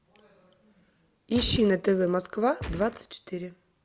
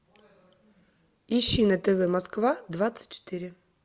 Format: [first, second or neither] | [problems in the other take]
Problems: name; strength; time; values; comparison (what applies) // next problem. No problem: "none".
second | background sound (Gunshot, gunfire); 9 dB below the speech